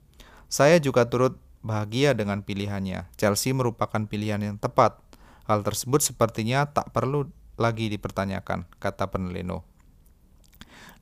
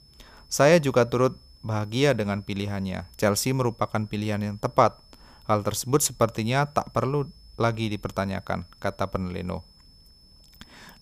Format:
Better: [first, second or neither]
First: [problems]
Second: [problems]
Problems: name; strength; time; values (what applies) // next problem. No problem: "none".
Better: first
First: none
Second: high-pitched whine; faint; throughout; 5.5 kHz, 30 dB below the speech